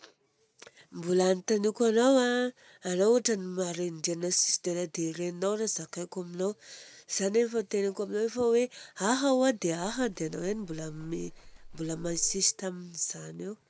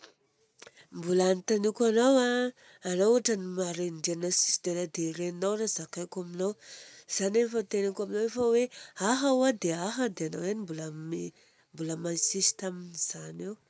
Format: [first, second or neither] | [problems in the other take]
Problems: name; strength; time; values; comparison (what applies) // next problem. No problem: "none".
second | background sound (Livestock, farm animals, working animals); 16 dB below the speech